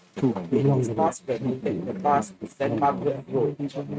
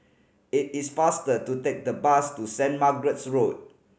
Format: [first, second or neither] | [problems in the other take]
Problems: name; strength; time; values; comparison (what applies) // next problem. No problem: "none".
second | noise reduction (neural mask model RNNoise)